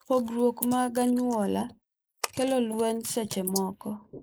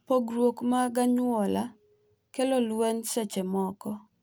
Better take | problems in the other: second | noise reduction (neural mask model Resemble Enhance denoiser)

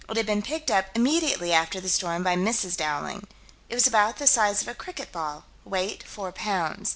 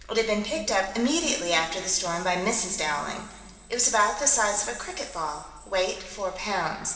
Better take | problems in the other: first | room echo; dies away in 2.9 s

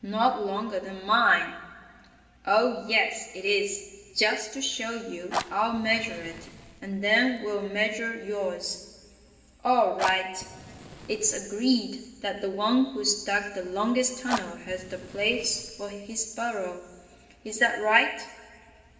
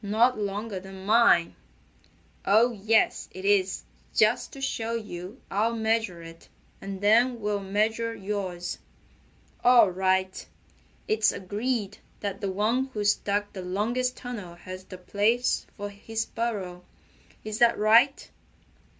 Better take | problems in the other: second | background sound (Fire); 13 dB below the speech // room echo; dies away in 2.9 s

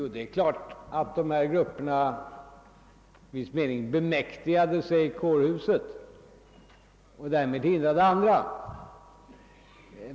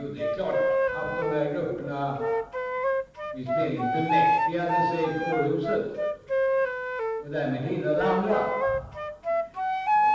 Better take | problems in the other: first | background sound (Wind instrument, woodwind instrument); 3 dB above the speech // room echo; dies away in 0.7 s

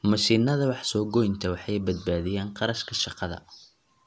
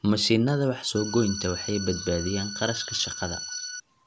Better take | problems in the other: first | background sound (Organ); 9 dB below the speech

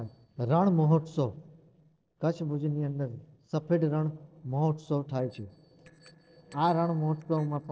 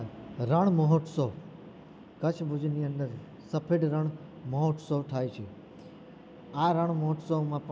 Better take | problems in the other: second | noise reduction (neural separator model SepFormer DNS4)

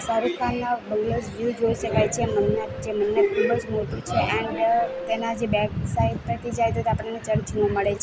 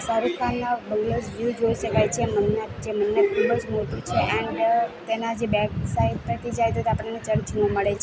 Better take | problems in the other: second | background sound (Subway, metro, underground / Doorbell); 13 dB below the speech

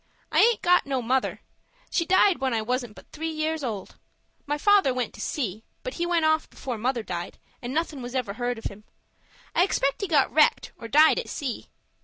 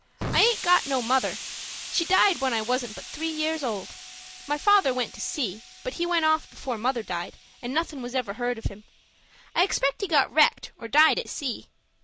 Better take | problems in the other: first | background sound (Explosion); 13 dB below the speech

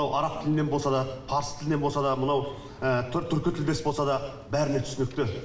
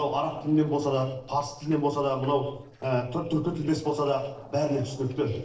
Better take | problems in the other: first | noise reduction (neural separator model SepFormer DNS4)

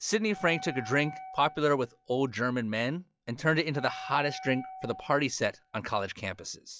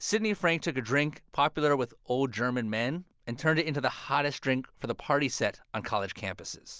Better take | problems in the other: second | noise reduction (classical method log-MMSE)

